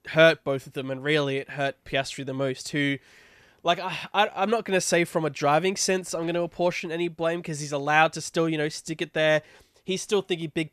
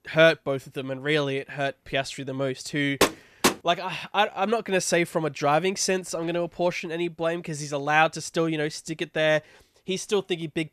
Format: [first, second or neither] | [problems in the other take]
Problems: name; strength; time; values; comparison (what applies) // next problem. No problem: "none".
first | door banging; loud; at 3 s; peak 2 dB above the speech